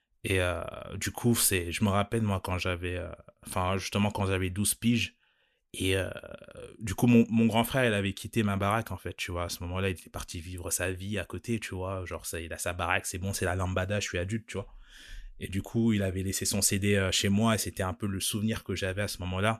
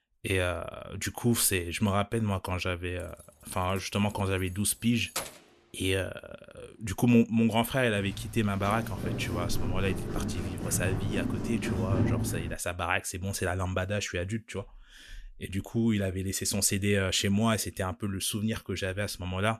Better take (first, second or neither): first